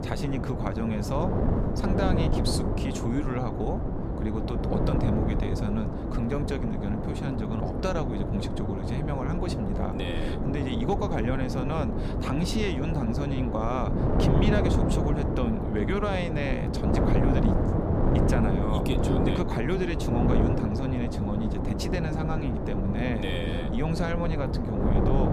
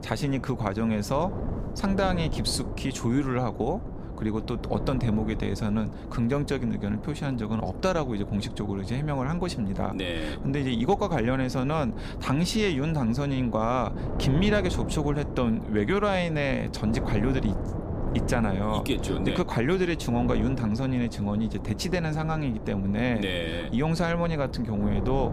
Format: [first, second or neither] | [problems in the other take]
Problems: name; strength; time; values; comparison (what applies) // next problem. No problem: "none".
second | wind noise on the microphone; heavy; as loud as the speech; occasional gusts in the second